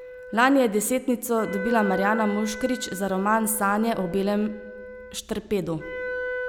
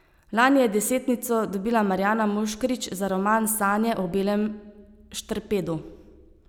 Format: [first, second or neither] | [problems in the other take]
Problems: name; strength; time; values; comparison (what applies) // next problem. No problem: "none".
second | background sound (Wind instrument, woodwind instrument); 10 dB below the speech